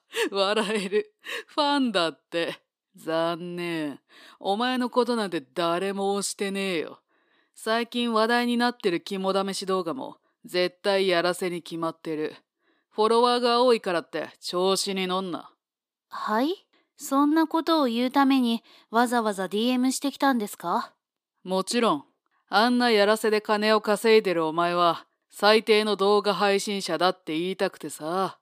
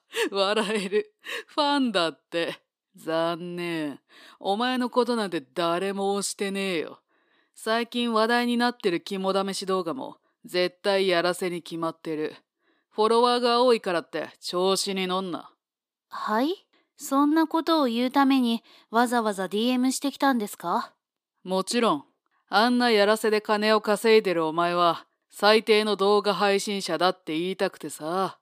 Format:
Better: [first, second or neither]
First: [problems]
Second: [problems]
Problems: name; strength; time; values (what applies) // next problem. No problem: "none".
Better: neither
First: thin; very slightly; fading below 250 Hz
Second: thin; very slightly; fading below 250 Hz